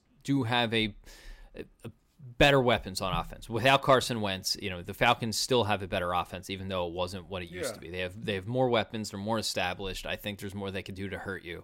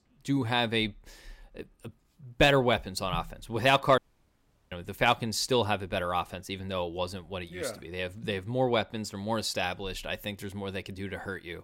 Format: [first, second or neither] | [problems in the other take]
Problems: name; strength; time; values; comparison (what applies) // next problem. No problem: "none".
first | audio cutting out; at 4 s for 0.5 s